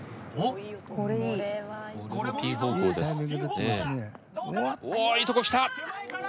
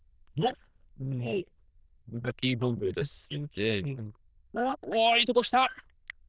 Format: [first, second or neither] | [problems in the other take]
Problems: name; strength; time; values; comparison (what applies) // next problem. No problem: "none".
first | noise reduction (neural diffusion model UNIVERSE++)